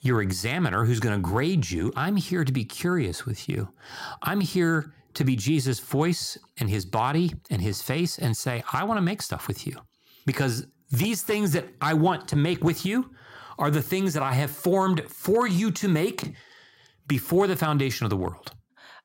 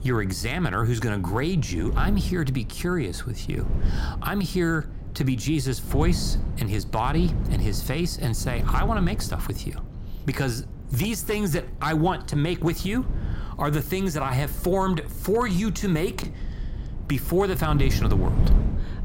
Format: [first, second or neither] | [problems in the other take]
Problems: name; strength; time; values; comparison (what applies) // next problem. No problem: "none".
first | wind noise on the microphone; occasional gusts; 15 dB below the speech